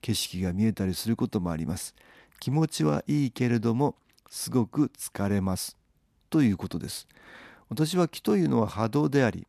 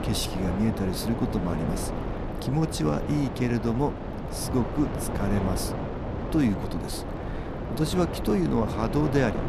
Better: first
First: none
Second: wind noise on the microphone; heavy; 4 dB below the speech

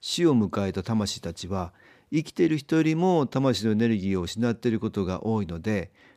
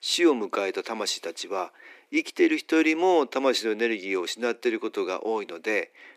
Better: first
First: none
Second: thin; very; fading below 300 Hz

